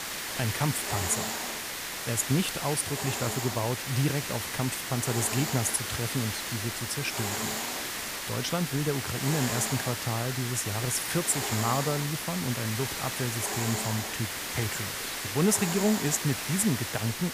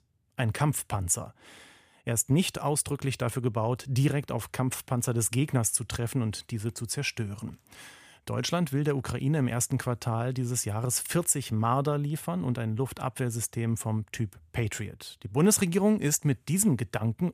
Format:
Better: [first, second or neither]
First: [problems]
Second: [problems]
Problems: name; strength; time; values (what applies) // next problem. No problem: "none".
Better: second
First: hiss; loud; throughout; 2 dB below the speech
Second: none